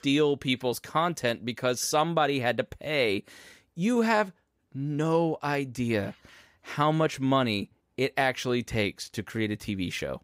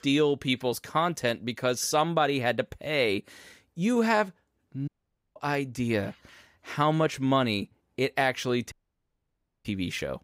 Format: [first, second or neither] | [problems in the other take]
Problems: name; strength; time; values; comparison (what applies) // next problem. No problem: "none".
first | audio cutting out; at 5 s and at 8.5 s for 1 s